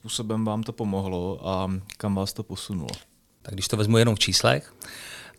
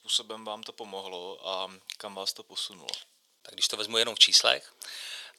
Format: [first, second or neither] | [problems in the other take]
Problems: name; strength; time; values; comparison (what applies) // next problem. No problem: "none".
first | thin; very; fading below 600 Hz